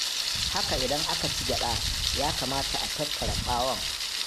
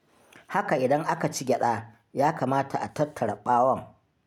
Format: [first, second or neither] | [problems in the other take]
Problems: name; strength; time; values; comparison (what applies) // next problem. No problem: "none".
second | background sound (Thunder); 4 dB above the speech